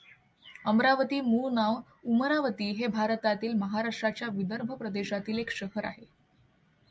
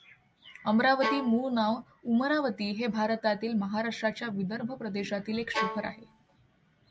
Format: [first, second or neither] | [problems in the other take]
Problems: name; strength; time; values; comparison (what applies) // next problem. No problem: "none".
first | background sound (Bowed string instrument); 5 dB below the speech